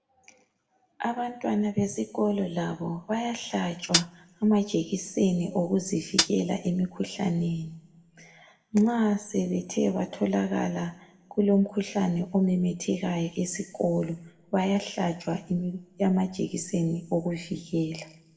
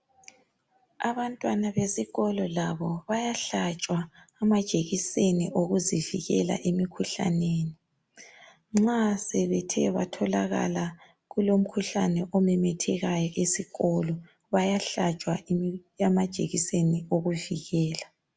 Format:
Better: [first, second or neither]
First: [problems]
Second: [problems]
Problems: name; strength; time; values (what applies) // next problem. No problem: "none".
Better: second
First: background sound (Hi-hat); 4 dB below the speech // room echo; dies away in 0.9 s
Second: none